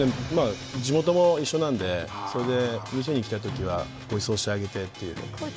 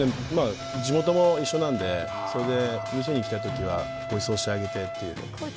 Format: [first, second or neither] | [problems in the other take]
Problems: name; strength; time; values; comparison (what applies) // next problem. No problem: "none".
first | background sound (Wind instrument, woodwind instrument); 8 dB below the speech